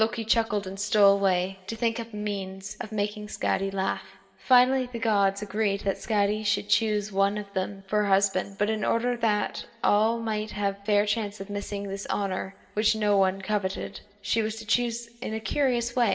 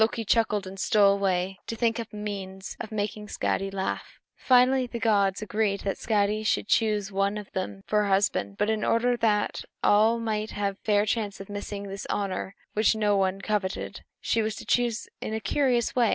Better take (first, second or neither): second